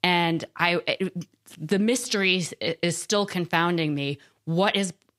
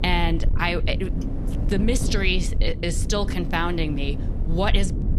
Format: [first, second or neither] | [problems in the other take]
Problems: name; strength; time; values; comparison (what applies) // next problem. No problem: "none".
first | wind noise on the microphone; occasional gusts; 10 dB below the speech